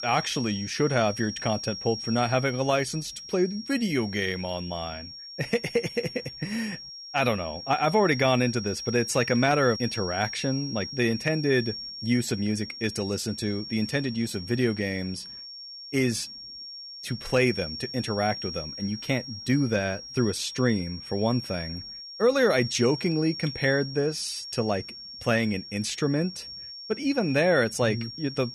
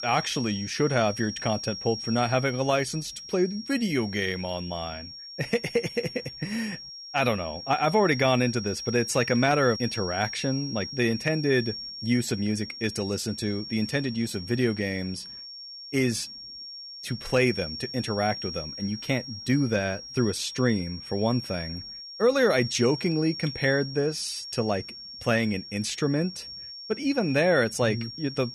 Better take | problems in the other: neither | high-pitched whine; loud; throughout; 5.5 kHz, 10 dB below the speech; the same in both

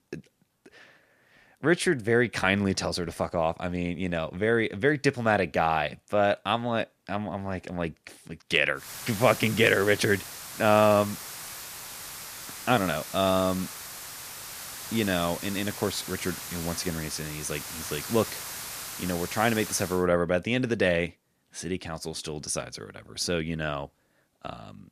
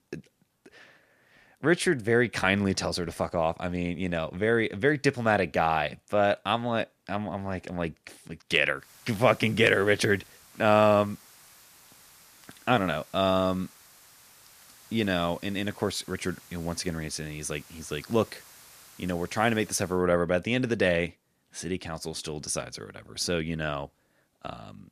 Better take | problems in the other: second | hiss; loud; from 9 to 20 s; 10 dB below the speech; faint in the second

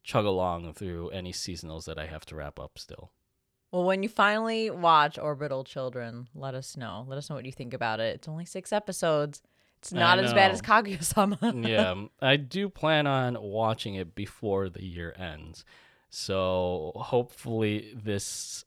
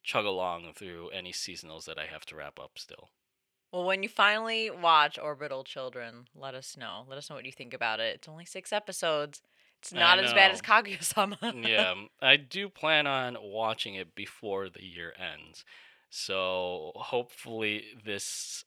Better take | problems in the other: first | thin; somewhat; fading below 550 Hz

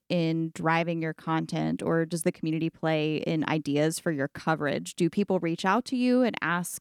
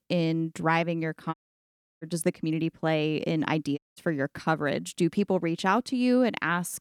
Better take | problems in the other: first | audio cutting out; at 1.5 s for 0.5 s and at 4 s

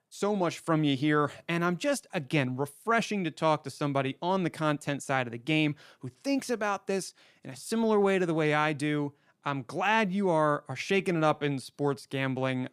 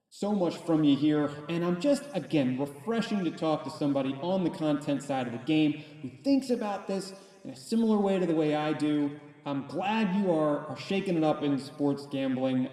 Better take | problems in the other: first | room echo; slight; dies away in 1.4 s

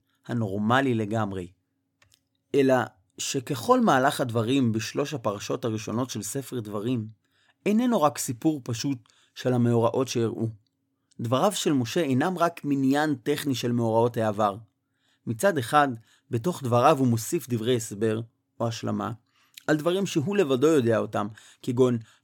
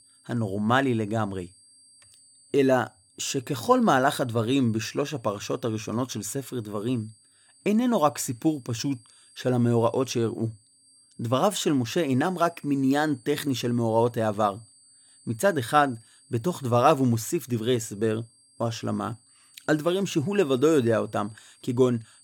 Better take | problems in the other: first | high-pitched whine; faint; throughout; 8 kHz, 30 dB below the speech

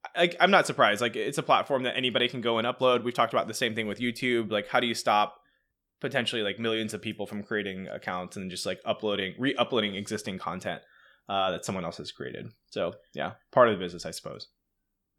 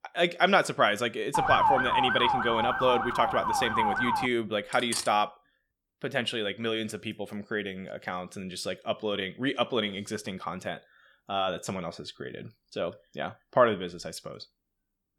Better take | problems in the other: first | siren; loud; from 1.5 to 4.5 s; peak 5 dB above the speech // clattering dishes; noticeable; at 4.5 s; peak 5 dB below the speech

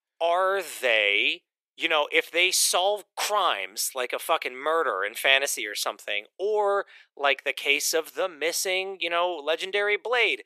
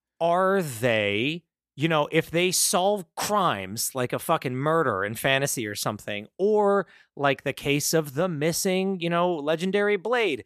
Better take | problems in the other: second | thin; very; fading below 400 Hz

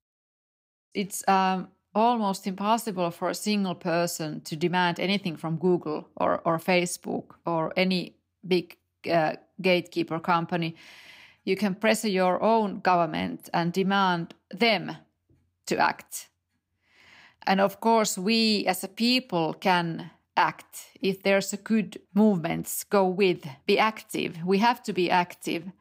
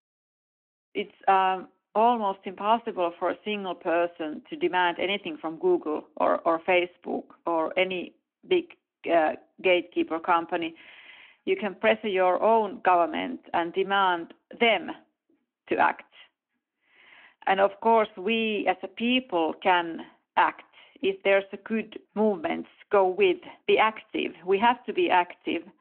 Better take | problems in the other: first | phone-call audio

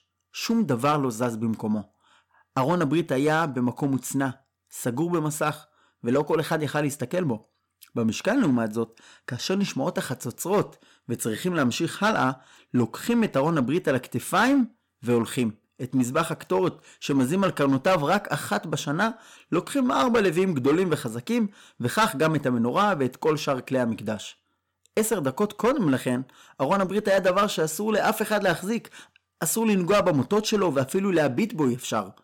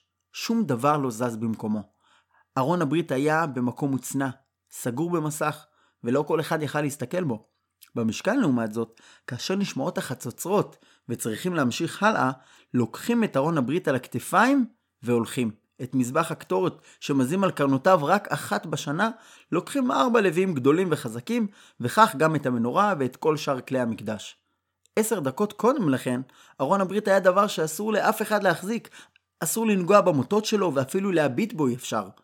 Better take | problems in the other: second | distortion; slight; 4% of the sound clipped

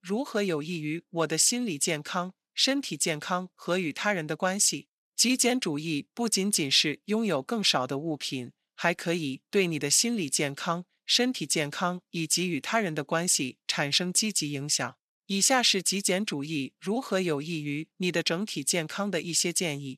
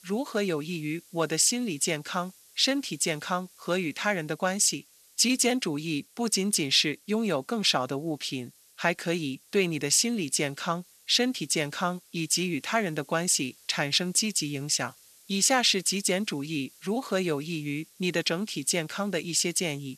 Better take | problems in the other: first | hiss; faint; throughout; 25 dB below the speech

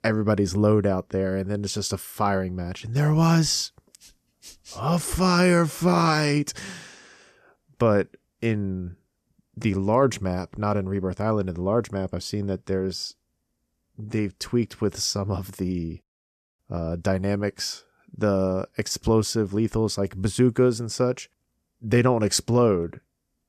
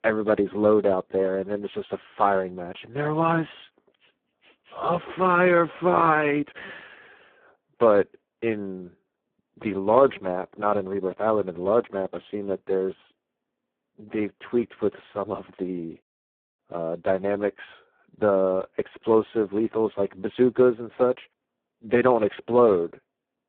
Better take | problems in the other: first | phone-call audio; poor line; nothing above 3.5 kHz

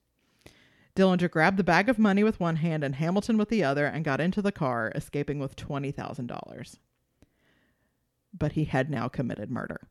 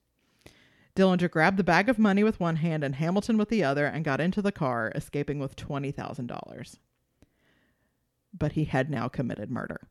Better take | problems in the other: neither | none

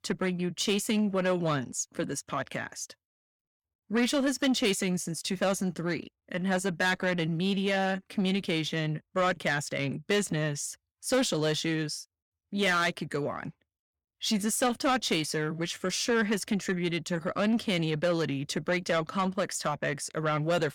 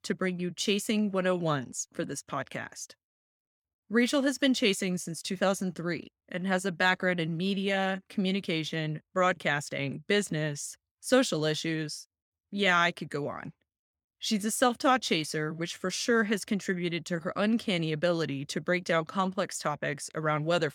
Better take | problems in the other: second | distortion; slight; 10 dB below the speech

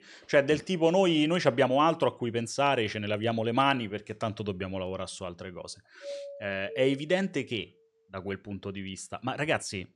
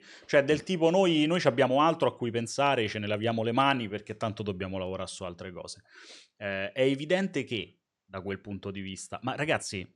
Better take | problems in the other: second | doorbell; faint; from 6 to 7 s; peak 10 dB below the speech

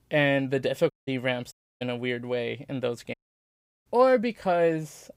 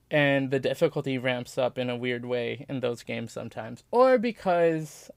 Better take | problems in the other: second | audio cutting out; at 1 s, at 1.5 s and at 3 s for 0.5 s

